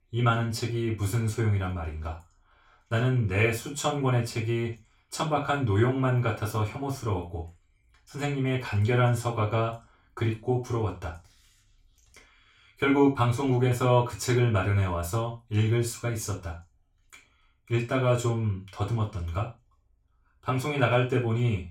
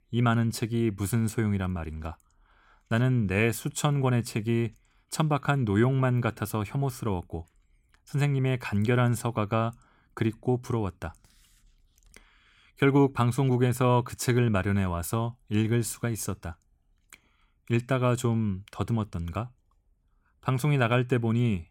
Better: second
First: room echo; slight; dies away in 0.3 s // off-mic speech; far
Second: none

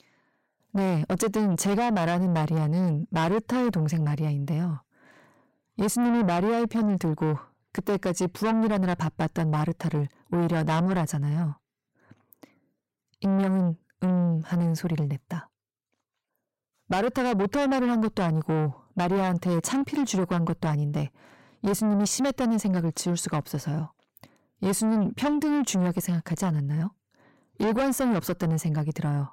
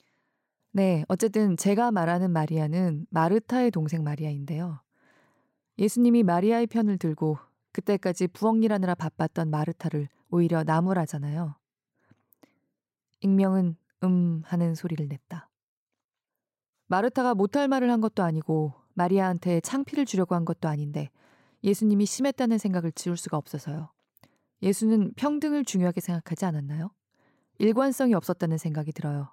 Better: second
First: distortion; heavy; 7 dB below the speech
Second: none

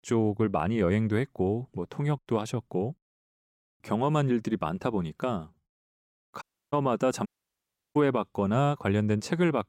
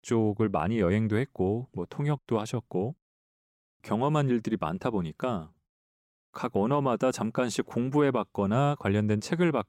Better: second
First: audio cutting out; at 6.5 s and at 7.5 s for 0.5 s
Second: none

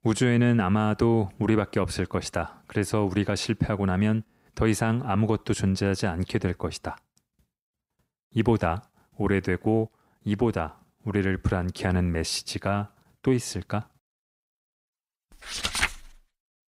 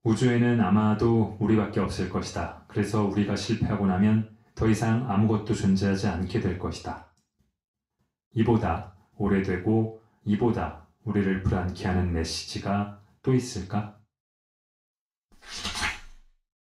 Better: first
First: none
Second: room echo; slight; dies away in 0.3 s // off-mic speech; far

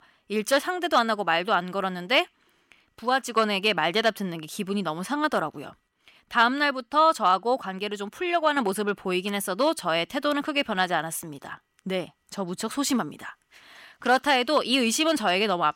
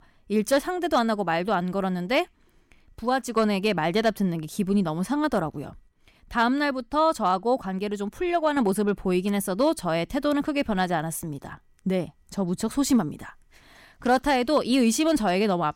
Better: second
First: thin; very slightly; fading below 750 Hz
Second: none

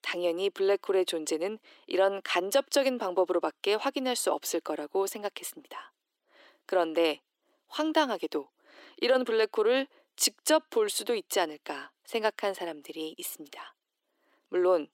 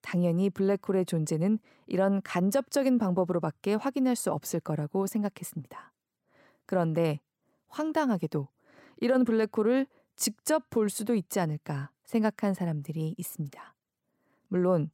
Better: second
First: thin; very; fading below 300 Hz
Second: none

